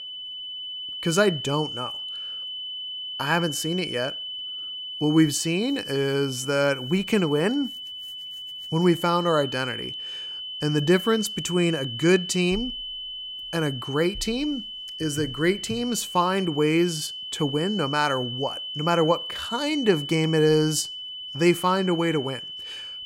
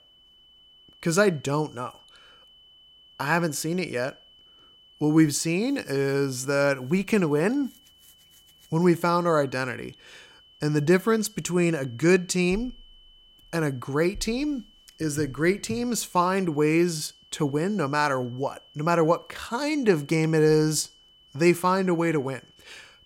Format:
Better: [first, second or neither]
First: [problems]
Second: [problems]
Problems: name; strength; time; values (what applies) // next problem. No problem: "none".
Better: second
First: high-pitched whine; loud; throughout; 3 kHz, 8 dB below the speech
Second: high-pitched whine; faint; throughout; 3 kHz, 30 dB below the speech